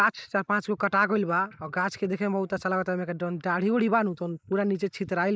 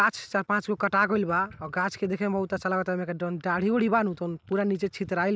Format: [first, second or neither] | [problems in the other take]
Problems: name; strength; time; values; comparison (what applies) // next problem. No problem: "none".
second | noise reduction (neural mask model Resemble Enhance denoiser)